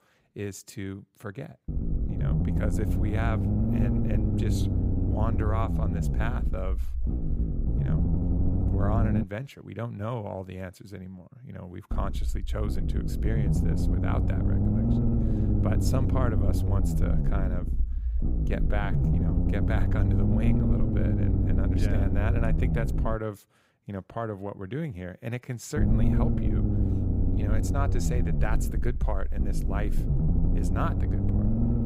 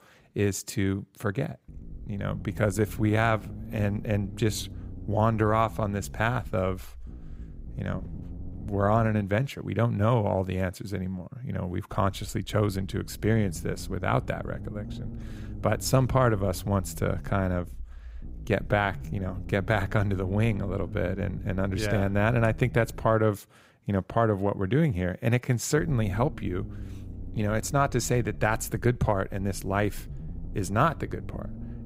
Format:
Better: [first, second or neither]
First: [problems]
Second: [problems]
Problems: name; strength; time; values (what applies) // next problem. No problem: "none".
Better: second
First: low rumble; loud; from 1.5 to 9 s, from 12 to 23 s and from 26 s on; as loud as the speech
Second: low rumble; faint; from 1.5 to 9 s, from 12 to 23 s and from 26 s on; 20 dB below the speech